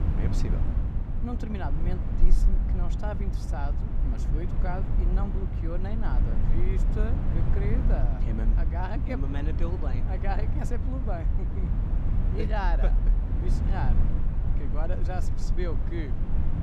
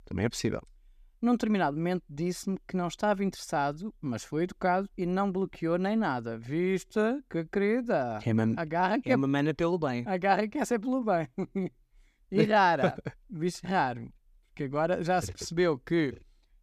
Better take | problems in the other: second | low rumble; loud; throughout; 4 dB below the speech

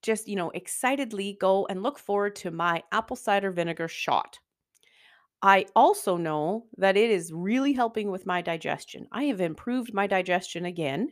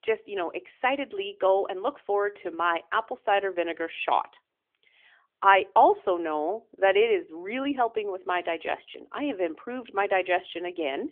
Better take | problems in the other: first | phone-call audio; nothing above 3 kHz

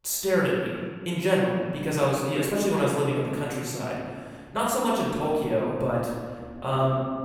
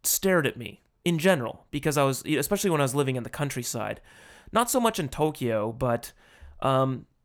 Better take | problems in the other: second | off-mic speech; far // room echo; noticeable; dies away in 1.8 s

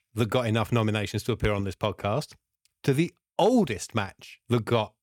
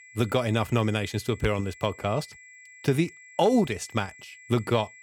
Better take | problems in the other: first | high-pitched whine; faint; throughout; 2 kHz, 20 dB below the speech

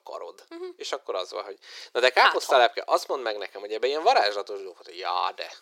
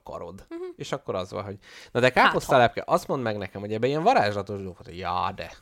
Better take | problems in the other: second | thin; very; fading below 350 Hz

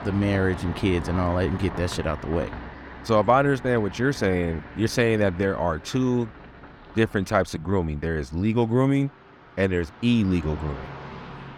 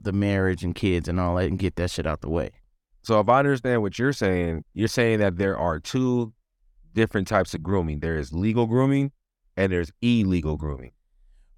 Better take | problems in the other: second | traffic noise; noticeable; throughout; 15 dB below the speech

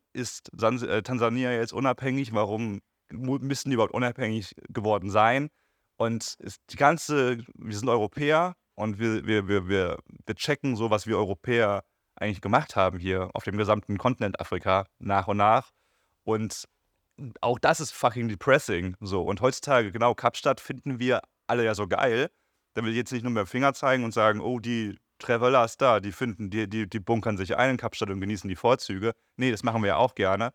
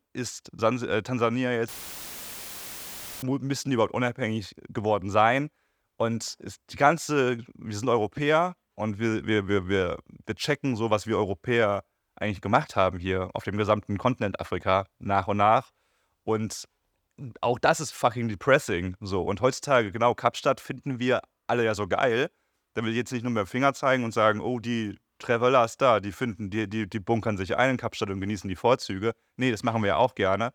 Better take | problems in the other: first | audio cutting out; filled with static; at 1.5 s for 1.5 s

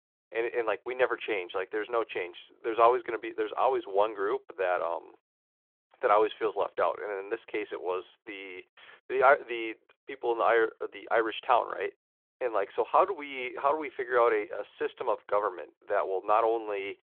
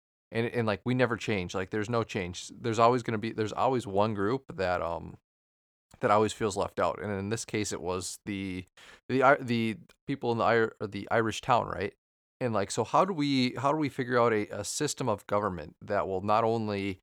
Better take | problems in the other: second | phone-call audio

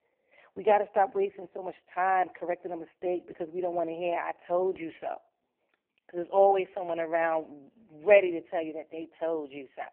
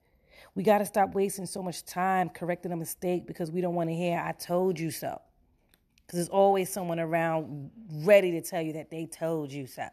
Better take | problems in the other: second | phone-call audio; poor line

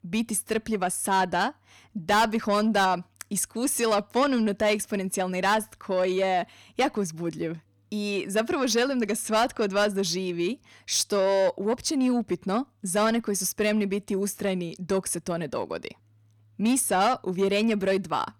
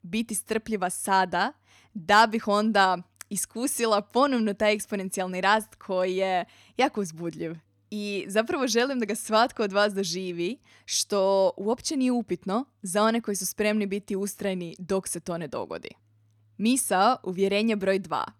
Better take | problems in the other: second | distortion; slight; 10 dB below the speech

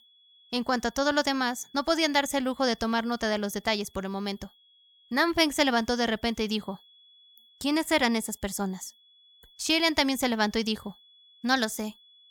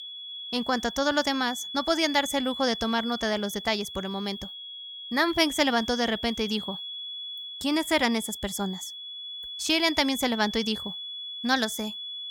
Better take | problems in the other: first | high-pitched whine; loud; throughout; 3.5 kHz, 9 dB below the speech; faint in the first

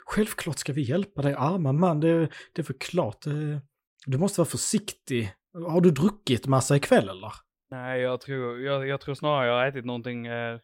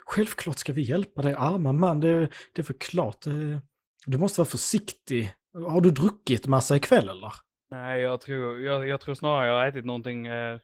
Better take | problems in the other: first | garbled, watery; slightly; nothing above 16 kHz

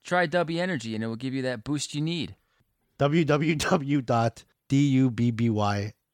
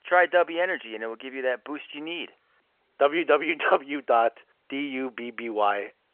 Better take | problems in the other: first | phone-call audio

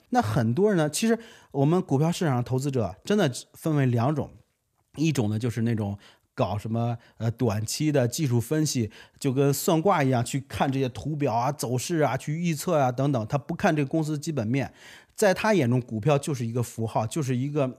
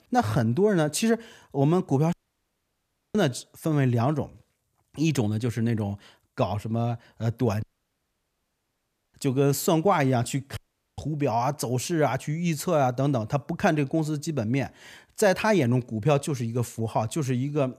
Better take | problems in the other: first | audio cutting out; at 2 s for 1 s, at 7.5 s for 1.5 s and at 11 s

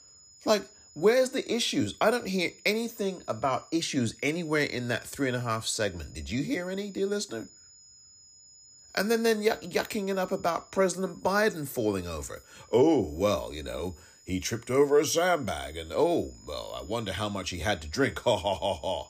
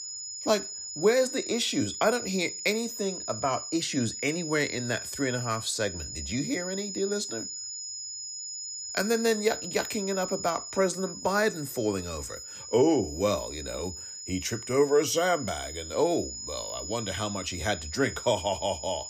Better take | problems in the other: first | high-pitched whine; loud; throughout; 7 kHz, 7 dB below the speech; faint in the first

